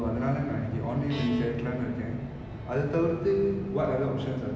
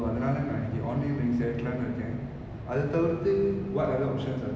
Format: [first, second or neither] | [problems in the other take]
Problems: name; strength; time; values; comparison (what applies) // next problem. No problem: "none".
second | background sound (Bowed string instrument); 17 dB below the speech